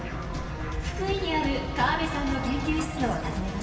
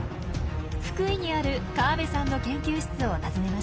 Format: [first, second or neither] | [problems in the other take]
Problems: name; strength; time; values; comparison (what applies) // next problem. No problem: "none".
second | background sound (Toilet flush); 16 dB below the speech // room echo; dies away in 2.3 s